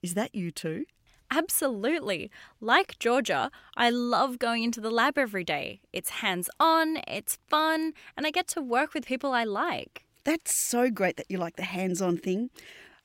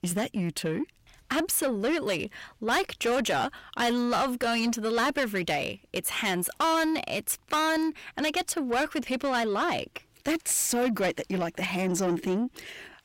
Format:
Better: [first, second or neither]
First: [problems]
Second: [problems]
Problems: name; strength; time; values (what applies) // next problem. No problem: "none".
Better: first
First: none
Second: distortion; heavy; 8 dB below the speech